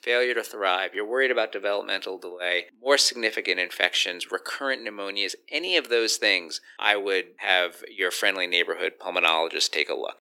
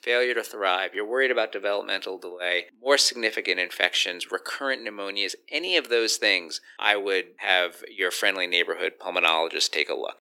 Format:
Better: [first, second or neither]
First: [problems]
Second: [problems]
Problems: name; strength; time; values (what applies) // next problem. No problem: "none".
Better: neither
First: thin; very; fading below 350 Hz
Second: thin; very; fading below 350 Hz